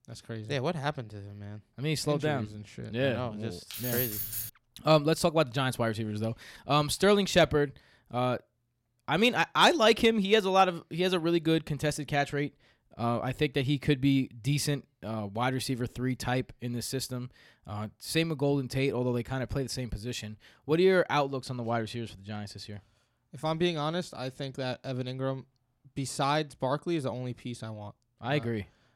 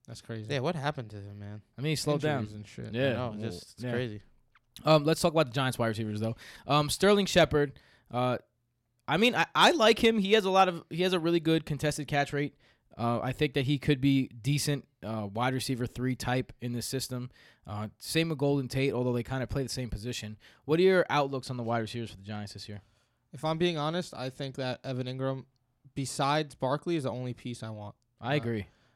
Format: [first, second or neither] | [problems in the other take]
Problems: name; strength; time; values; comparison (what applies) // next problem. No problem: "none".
second | jangling keys; noticeable; at 3.5 s; peak 2 dB below the speech